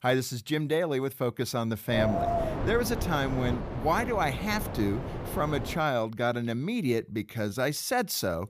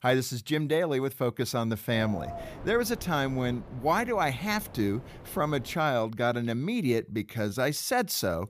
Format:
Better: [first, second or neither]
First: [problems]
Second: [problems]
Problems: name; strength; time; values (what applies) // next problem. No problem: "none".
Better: second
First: wind noise on the microphone; heavy; from 2 to 6 s; 4 dB below the speech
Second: wind noise on the microphone; occasional gusts; from 2 to 6 s; 15 dB below the speech